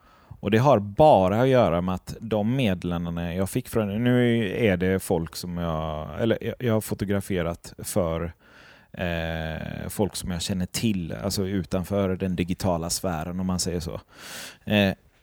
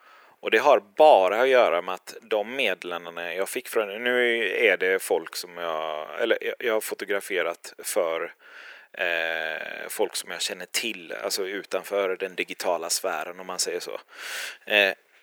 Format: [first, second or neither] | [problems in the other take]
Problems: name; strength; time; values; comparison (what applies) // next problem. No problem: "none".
first | thin; very; fading below 400 Hz